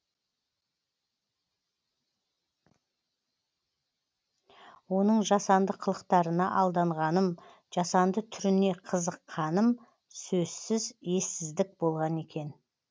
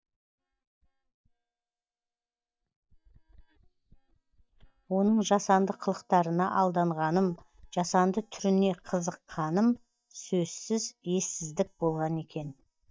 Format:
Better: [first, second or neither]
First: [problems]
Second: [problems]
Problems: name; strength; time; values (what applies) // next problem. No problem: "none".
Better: first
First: none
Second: noise reduction (neural mask model DeepFilterNet 3)